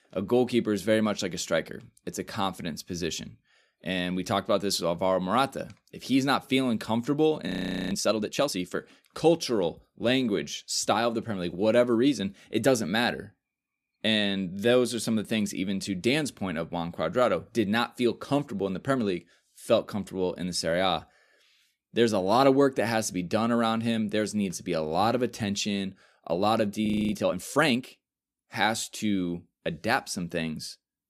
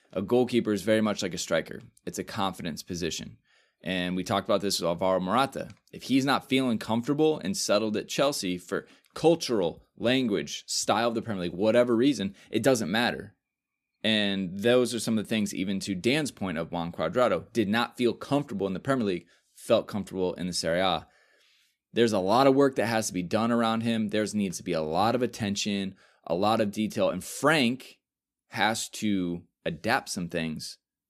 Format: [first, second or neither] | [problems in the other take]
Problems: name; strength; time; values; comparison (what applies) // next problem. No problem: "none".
second | audio freezing; at 7.5 s and at 27 s